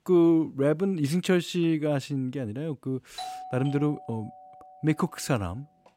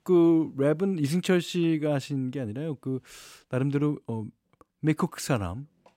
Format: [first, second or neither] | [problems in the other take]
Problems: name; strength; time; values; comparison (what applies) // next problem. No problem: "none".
second | doorbell; faint; from 3 to 5 s; peak 10 dB below the speech